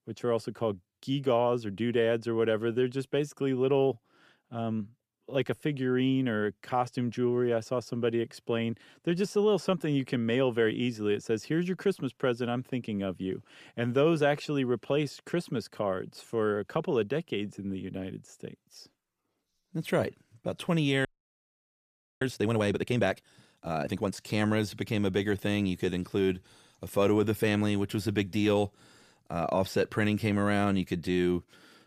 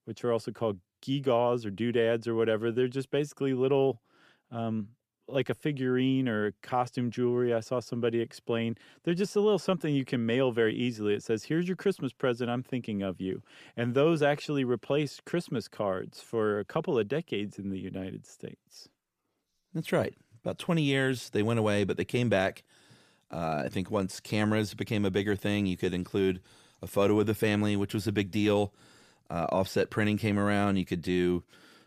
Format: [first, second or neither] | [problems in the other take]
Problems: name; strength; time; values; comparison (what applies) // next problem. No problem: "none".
second | audio freezing; at 21 s for 1 s